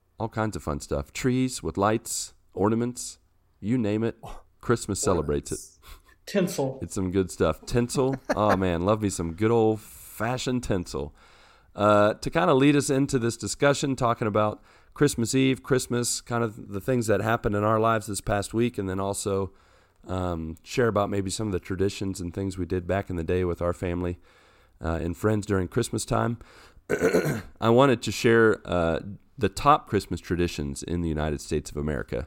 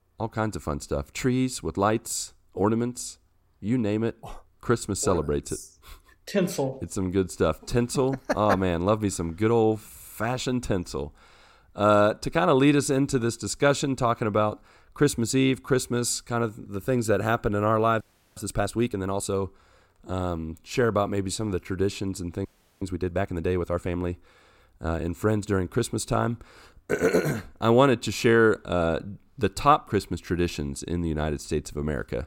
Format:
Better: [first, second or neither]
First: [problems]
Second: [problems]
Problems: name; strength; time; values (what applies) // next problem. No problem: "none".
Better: first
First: none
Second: audio freezing; at 18 s and at 22 s